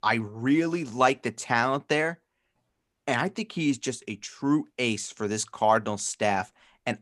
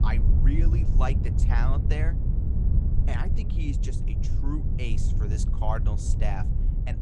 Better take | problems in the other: first | low rumble; loud; throughout; 4 dB below the speech

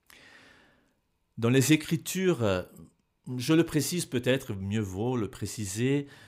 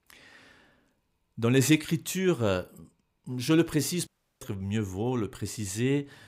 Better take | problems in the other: first | audio cutting out; at 4 s

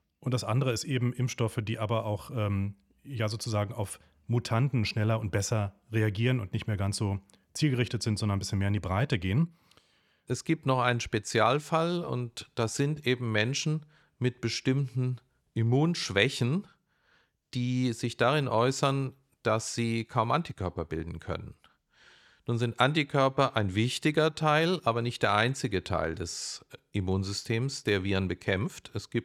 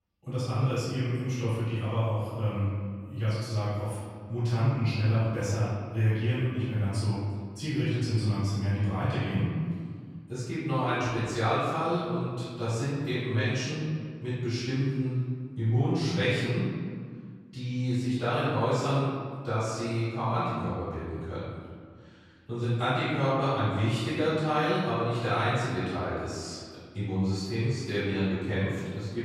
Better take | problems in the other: first | off-mic speech; far // room echo; strong; dies away in 1.9 s

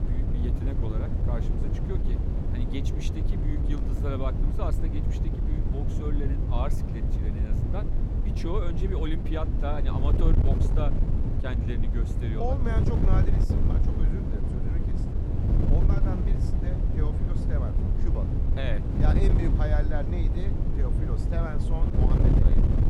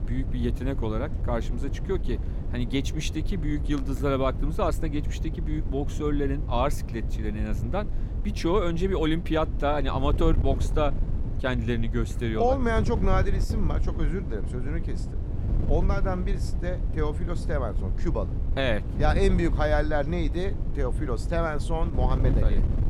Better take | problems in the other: second | wind noise on the microphone; heavy; as loud as the speech; occasional gusts in the second

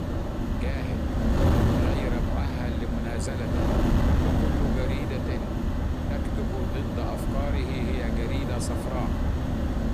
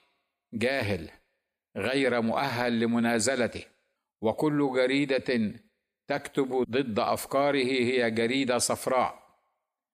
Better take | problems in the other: second | wind noise on the microphone; heavy; 5 dB above the speech

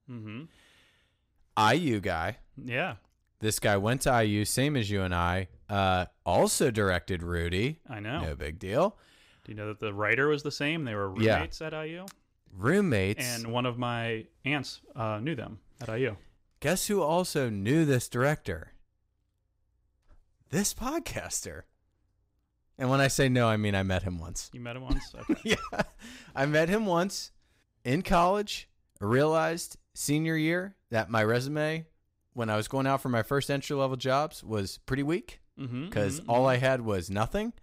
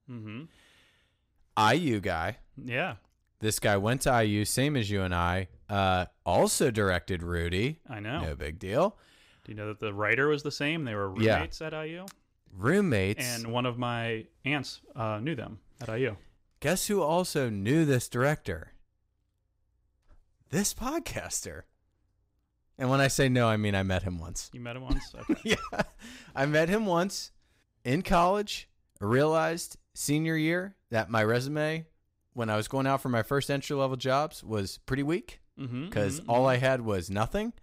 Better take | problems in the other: neither | none

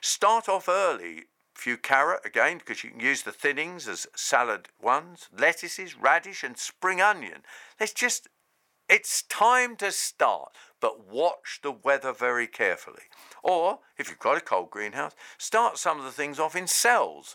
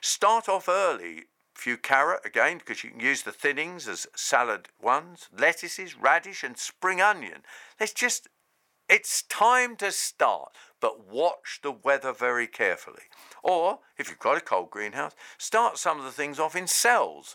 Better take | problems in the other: neither | thin; very; fading below 650 Hz; the same in both

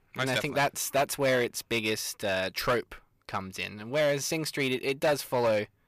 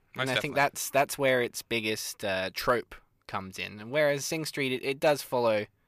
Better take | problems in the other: second | distortion; slight; 5% of the sound clipped

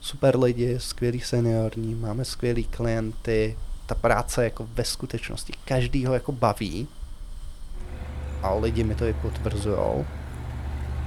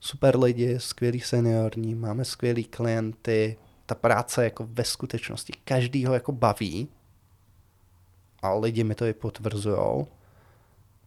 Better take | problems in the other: second | traffic noise; noticeable; throughout; 10 dB below the speech

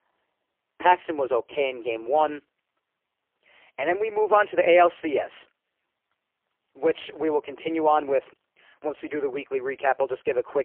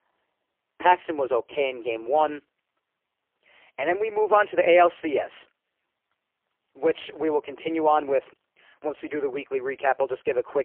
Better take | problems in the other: neither | phone-call audio; poor line; nothing above 3 kHz; the same in both

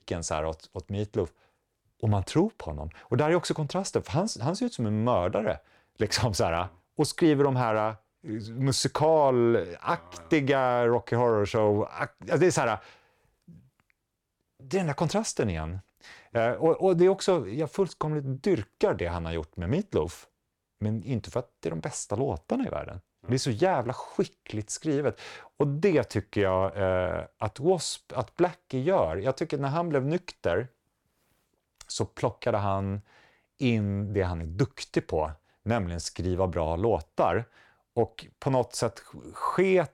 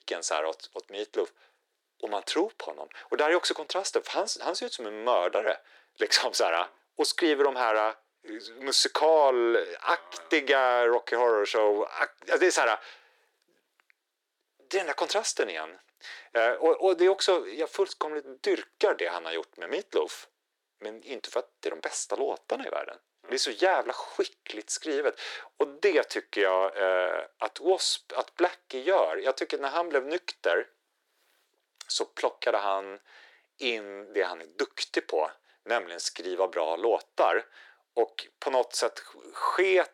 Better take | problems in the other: first | thin; very; fading below 350 Hz

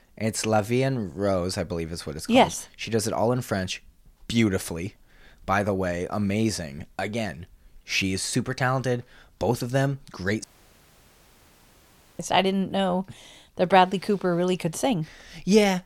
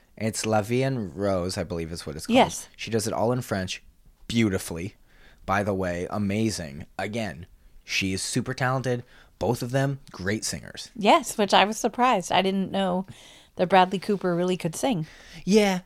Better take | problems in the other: second | audio cutting out; at 10 s for 2 s

